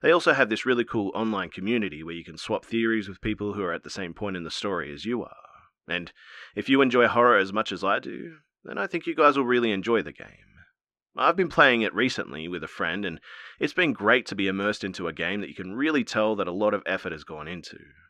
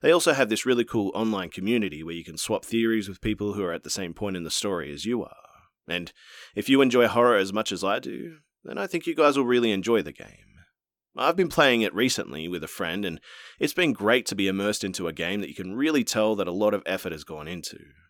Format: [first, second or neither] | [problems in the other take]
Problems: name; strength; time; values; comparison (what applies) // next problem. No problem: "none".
second | muffled; slightly; fading above 4 kHz